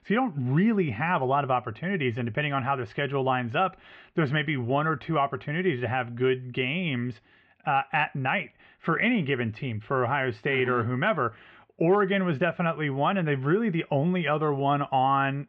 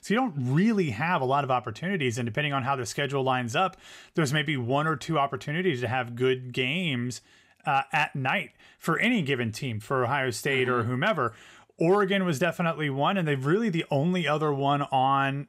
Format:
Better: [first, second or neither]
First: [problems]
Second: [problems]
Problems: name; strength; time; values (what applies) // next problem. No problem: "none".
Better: second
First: muffled; very; fading above 3 kHz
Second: none